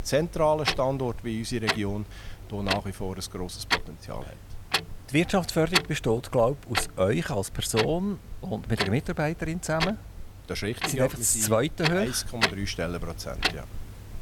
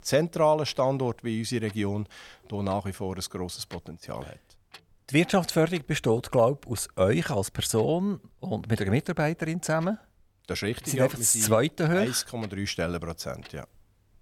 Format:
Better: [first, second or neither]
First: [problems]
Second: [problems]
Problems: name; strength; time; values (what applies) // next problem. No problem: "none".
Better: second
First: household noises; loud; throughout; 2 dB below the speech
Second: household noises; faint; throughout; 25 dB below the speech